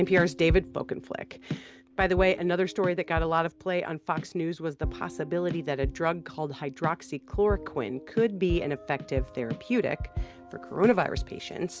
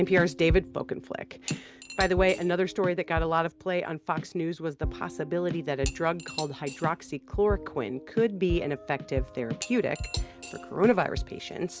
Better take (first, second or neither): first